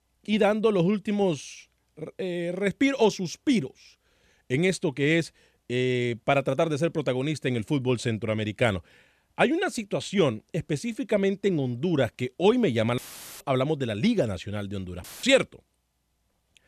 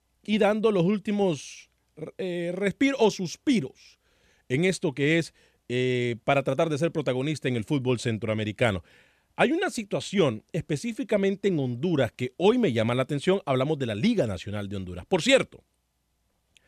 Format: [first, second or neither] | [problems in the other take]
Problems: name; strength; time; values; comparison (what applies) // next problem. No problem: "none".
second | audio cutting out; filled with static; at 13 s and at 15 s